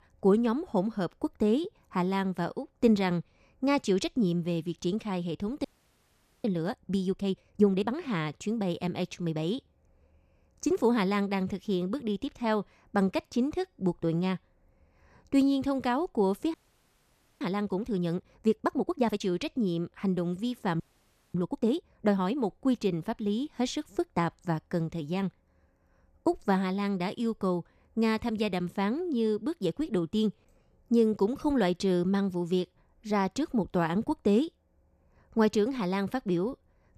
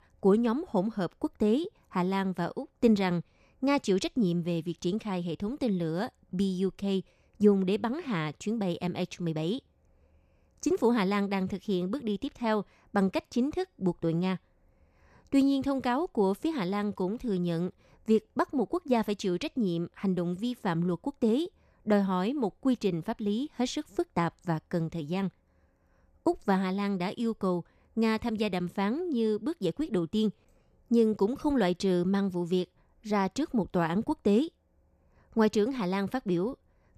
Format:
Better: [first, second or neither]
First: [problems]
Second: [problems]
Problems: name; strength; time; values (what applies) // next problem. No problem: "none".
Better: second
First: audio freezing; at 5.5 s for 1 s, at 17 s for 1 s and at 21 s for 0.5 s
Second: none